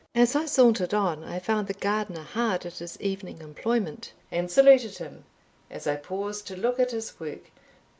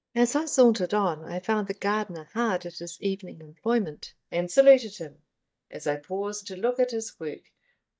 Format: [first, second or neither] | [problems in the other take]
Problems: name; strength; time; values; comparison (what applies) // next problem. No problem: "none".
first | noise reduction (neural mask model DeepFilterNet 3)